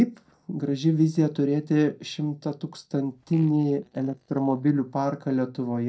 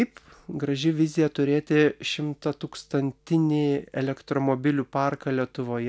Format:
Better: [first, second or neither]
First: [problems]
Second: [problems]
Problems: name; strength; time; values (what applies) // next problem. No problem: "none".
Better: second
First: noise reduction (neural mask model DeepFilterNet 3)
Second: none